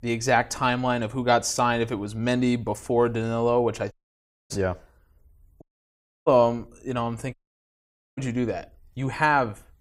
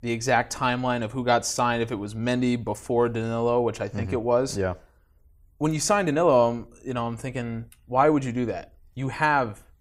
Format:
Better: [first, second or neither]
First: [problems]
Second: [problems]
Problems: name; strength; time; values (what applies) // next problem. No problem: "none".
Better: second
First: audio cutting out; at 4 s for 0.5 s, at 5.5 s for 0.5 s and at 7.5 s for 1 s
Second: none